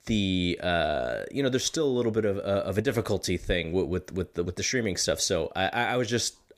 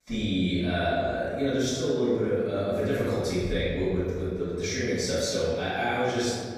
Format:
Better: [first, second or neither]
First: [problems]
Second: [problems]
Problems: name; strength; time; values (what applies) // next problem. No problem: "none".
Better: first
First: none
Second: room echo; strong; dies away in 2 s // off-mic speech; far